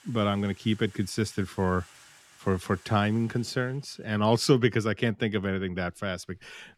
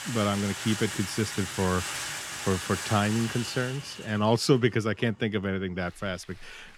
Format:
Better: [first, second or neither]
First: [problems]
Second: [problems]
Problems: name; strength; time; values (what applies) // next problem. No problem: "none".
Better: first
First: household noises; faint; throughout; 25 dB below the speech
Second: household noises; loud; throughout; 6 dB below the speech